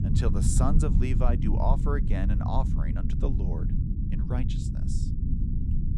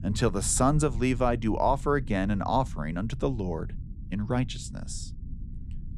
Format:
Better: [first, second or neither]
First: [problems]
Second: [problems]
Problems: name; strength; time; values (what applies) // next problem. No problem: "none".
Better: second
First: low rumble; loud; throughout; 5 dB below the speech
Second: low rumble; faint; throughout; 25 dB below the speech